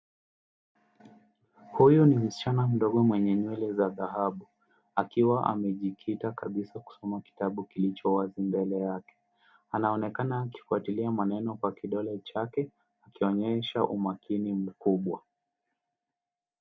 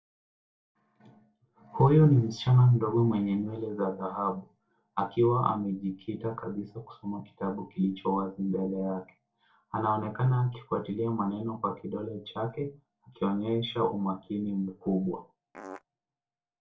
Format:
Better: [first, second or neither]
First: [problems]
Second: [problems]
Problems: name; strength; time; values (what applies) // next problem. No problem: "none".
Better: first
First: none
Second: noise reduction (neural separator model SepFormer DNS4)